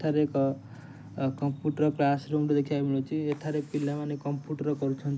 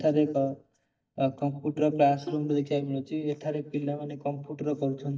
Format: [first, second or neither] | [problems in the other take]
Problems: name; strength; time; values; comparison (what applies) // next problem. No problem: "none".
first | noise reduction (neural mask model DeepFilterNet 3)